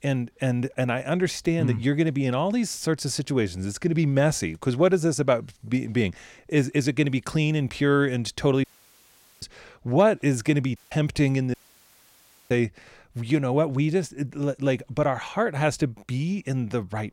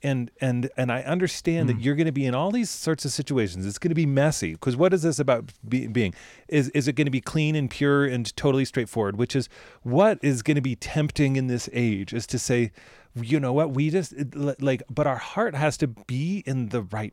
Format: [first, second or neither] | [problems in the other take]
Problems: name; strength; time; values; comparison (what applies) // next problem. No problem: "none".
second | audio cutting out; at 8.5 s for 1 s, at 11 s and at 12 s for 1 s